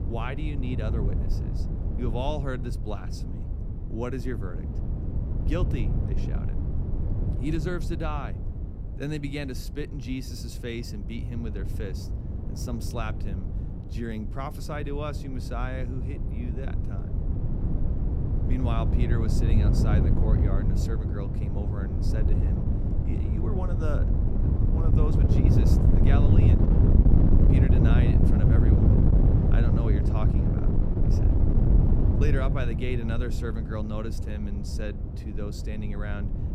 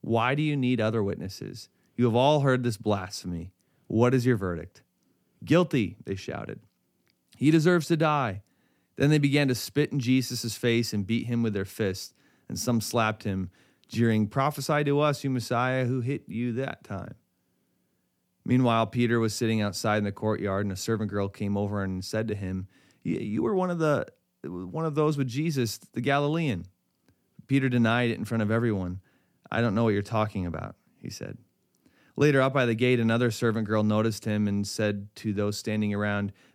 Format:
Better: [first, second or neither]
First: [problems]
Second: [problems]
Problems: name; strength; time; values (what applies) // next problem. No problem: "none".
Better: second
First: wind noise on the microphone; heavy; as loud as the speech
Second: none